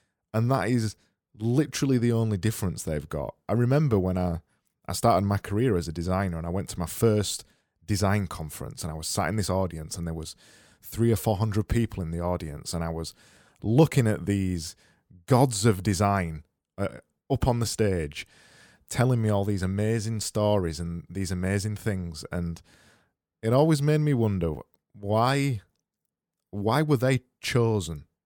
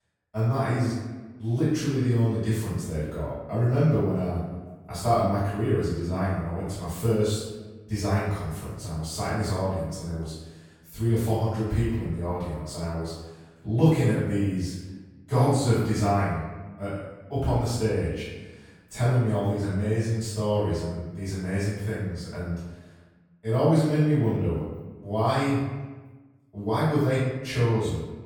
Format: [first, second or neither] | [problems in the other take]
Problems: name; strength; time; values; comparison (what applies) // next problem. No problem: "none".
first | off-mic speech; far // room echo; strong; dies away in 1.1 s